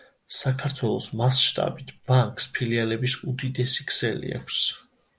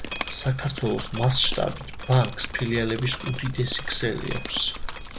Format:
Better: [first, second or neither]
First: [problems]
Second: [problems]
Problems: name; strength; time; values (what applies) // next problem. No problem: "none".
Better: first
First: none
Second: background sound (Drip); 7 dB below the speech